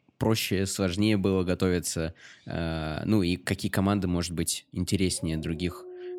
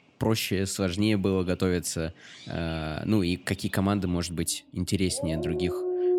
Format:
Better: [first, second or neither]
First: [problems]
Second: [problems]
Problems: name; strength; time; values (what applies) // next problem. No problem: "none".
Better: first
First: animal sounds; faint; throughout; 20 dB below the speech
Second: animal sounds; loud; throughout; 7 dB below the speech